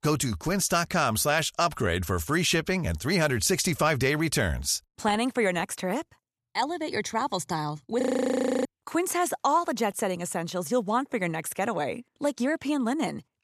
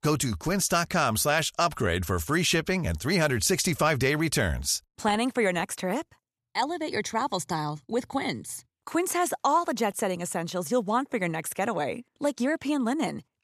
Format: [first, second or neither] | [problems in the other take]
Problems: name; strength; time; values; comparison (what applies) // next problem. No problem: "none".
second | audio freezing; at 8 s for 0.5 s